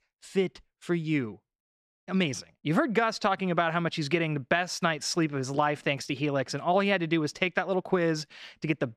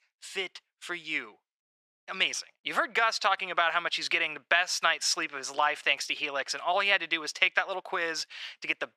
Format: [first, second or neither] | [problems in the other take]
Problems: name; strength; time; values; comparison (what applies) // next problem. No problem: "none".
first | thin; very; fading below 900 Hz